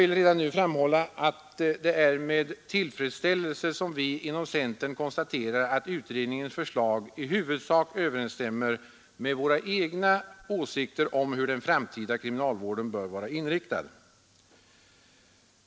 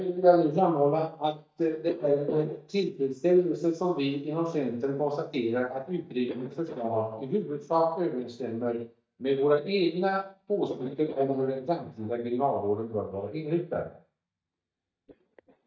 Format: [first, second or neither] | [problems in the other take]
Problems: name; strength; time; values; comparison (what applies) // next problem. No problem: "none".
first | noise reduction (neural mask model DeepFilterNet 3)